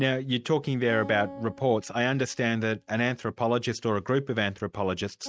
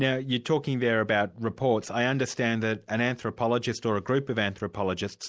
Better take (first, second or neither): second